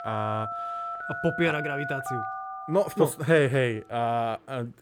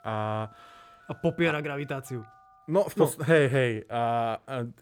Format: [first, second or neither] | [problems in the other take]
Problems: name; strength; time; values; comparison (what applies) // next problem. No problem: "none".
second | alarms or sirens; loud; throughout; 7 dB below the speech; faint in the second